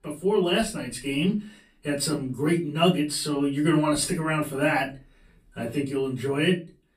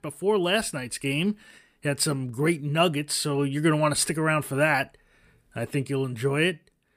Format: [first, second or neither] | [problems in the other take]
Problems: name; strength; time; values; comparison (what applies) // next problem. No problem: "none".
second | off-mic speech; far // room echo; very slight; dies away in 0.3 s